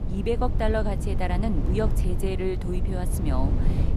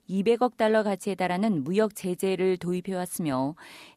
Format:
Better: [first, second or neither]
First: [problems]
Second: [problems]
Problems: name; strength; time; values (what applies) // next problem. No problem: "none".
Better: second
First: wind noise on the microphone; heavy; 8 dB below the speech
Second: none